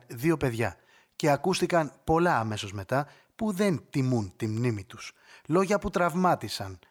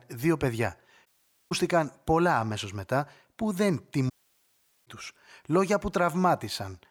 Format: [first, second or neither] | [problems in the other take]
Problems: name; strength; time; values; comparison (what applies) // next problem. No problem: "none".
first | audio cutting out; at 1 s and at 4 s for 1 s